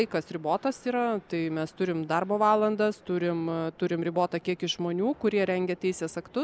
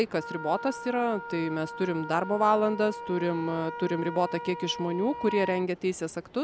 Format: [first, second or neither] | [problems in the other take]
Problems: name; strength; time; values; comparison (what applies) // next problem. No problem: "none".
first | background sound (Wind instrument, woodwind instrument); 11 dB below the speech